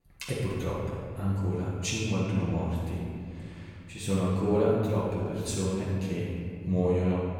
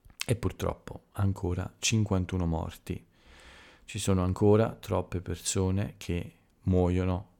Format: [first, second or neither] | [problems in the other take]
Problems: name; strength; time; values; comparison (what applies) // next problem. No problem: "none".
second | off-mic speech; far // room echo; strong; dies away in 2.2 s